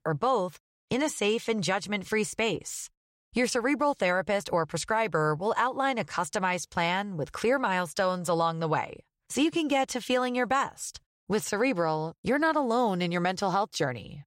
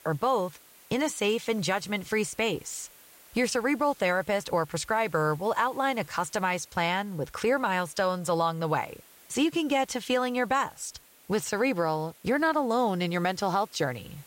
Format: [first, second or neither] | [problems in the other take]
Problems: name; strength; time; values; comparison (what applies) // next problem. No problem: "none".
first | hiss; faint; throughout; 25 dB below the speech